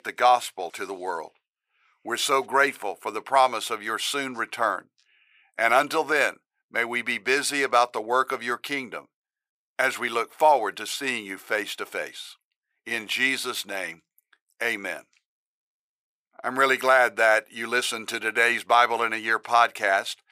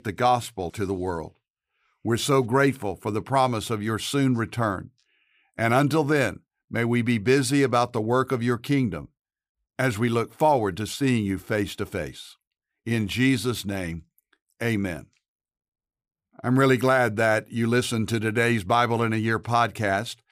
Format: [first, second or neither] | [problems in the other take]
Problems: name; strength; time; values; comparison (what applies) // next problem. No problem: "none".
second | thin; very; fading below 650 Hz